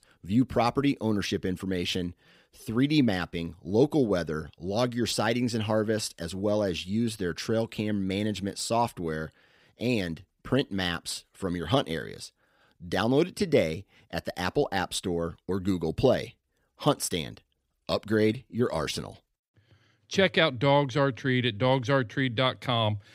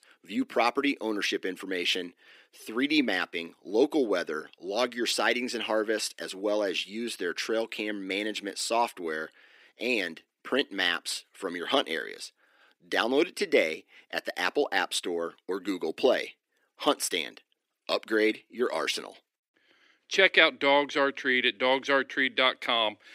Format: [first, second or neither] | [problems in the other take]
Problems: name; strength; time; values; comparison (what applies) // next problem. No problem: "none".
first | thin; somewhat; fading below 300 Hz